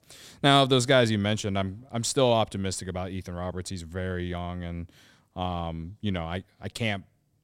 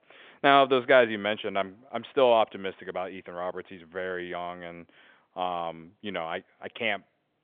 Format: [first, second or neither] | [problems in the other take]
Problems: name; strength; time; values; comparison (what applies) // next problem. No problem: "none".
first | phone-call audio; nothing above 3.5 kHz